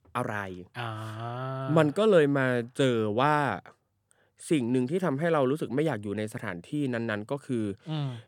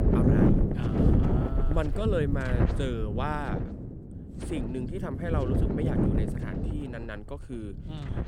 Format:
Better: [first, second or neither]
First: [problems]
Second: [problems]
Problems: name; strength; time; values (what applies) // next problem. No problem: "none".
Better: first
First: none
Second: wind noise on the microphone; heavy; 1 dB above the speech